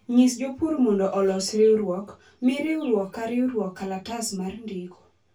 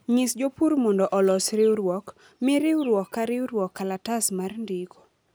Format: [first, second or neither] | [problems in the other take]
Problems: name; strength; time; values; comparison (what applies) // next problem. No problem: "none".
second | room echo; dies away in 0.1 s